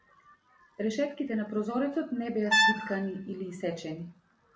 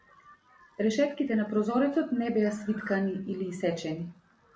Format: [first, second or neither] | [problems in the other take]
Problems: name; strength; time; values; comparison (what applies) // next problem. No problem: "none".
second | background sound (Brass instrument); 4 dB above the speech